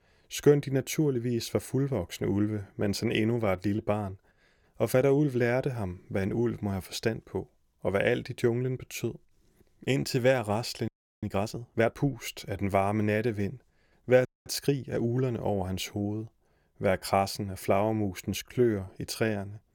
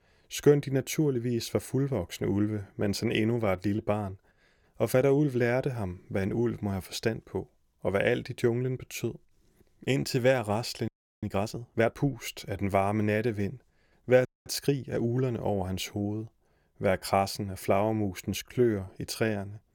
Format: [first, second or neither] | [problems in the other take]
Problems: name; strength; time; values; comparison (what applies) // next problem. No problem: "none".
neither | audio freezing; at 11 s and at 14 s; the same in both